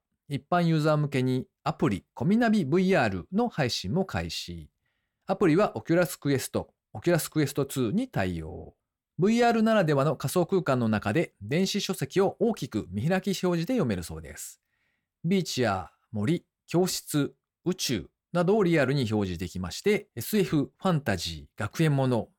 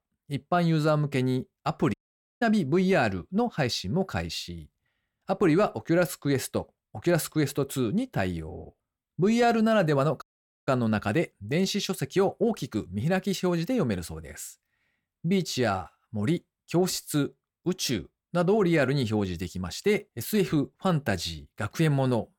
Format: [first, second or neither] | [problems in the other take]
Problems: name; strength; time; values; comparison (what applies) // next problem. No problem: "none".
first | audio cutting out; at 2 s and at 10 s